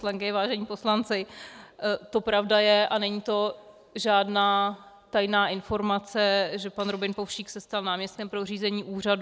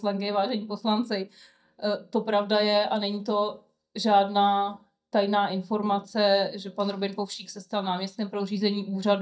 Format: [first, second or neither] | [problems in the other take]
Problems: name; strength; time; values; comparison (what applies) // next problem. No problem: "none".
first | noise reduction (neural mask model DeepFilterNet 3)